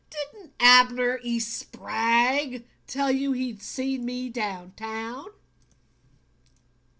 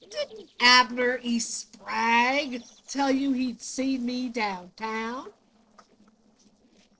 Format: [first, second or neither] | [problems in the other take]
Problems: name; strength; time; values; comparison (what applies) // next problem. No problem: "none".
first | noise reduction (neural separator model SepFormer DNS4)